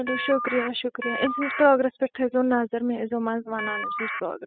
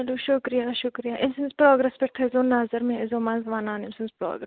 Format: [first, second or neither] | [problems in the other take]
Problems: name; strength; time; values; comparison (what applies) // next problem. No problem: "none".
second | noise reduction (classical method spectral subtraction)